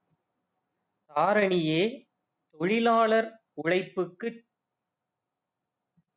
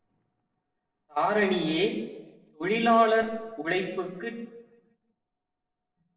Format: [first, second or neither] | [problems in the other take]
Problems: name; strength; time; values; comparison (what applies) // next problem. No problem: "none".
first | noise reduction (neural separator model SepFormer DNS4)